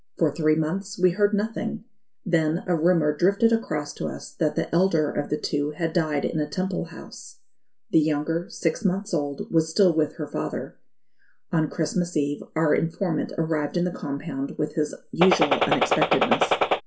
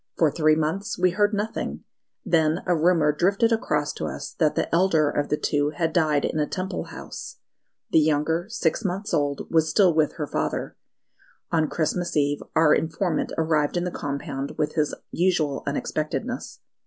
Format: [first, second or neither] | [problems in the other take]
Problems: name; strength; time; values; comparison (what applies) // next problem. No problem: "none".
second | background sound (Gunshot, gunfire); 3 dB above the speech // room echo; dies away in 0.2 s